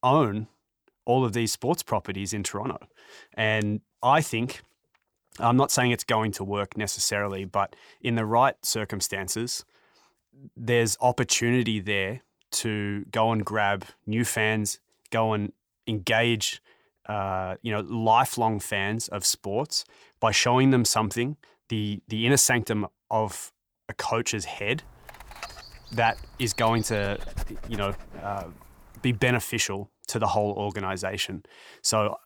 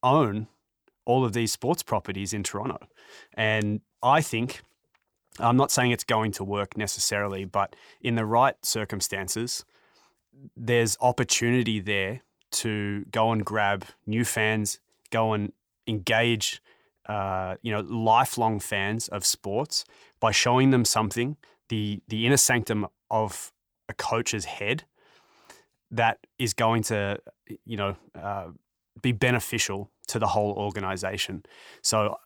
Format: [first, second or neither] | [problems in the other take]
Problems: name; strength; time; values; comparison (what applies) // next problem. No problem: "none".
second | dog barking; faint; from 25 to 28 s; peak 10 dB below the speech